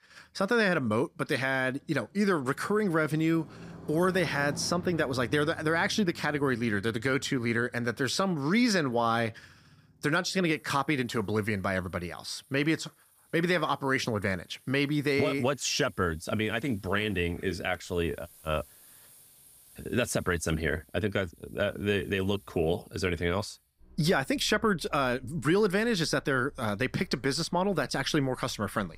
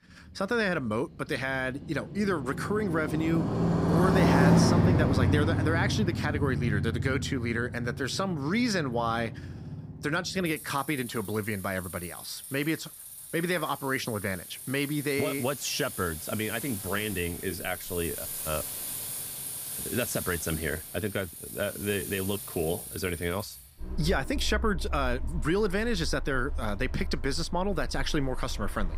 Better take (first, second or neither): first